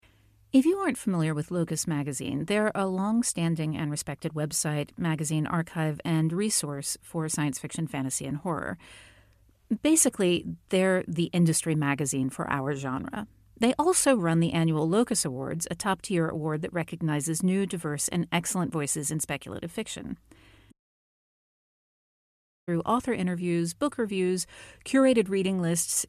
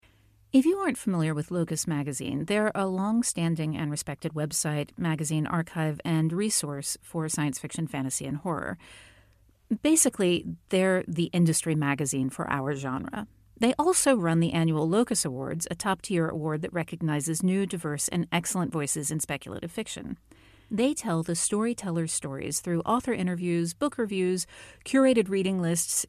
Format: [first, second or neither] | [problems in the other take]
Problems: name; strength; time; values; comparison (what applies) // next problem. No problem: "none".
second | audio cutting out; at 21 s for 2 s